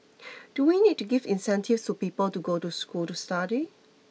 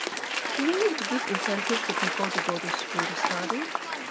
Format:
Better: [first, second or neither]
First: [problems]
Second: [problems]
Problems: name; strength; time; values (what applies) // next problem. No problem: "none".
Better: first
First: none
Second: background sound (Applause / Crowd); 2 dB above the speech